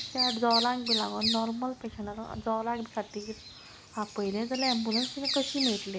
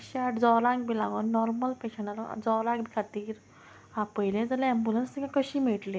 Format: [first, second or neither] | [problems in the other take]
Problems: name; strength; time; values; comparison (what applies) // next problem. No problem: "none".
second | background sound (Bird vocalization, bird call, bird song); 3 dB below the speech